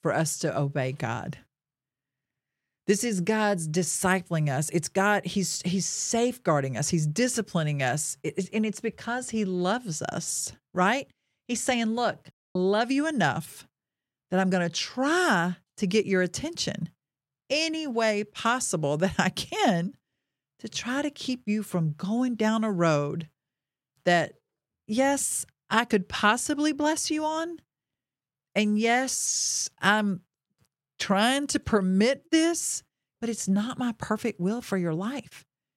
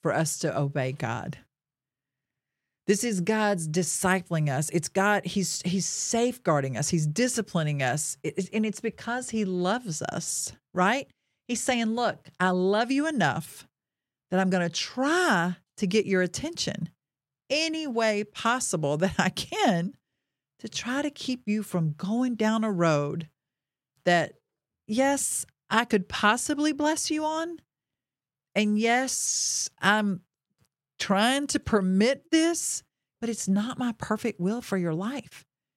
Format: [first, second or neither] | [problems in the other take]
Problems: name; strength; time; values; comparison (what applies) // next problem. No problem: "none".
second | audio cutting out; at 12 s